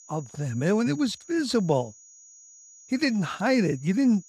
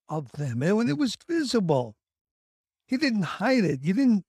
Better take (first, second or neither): second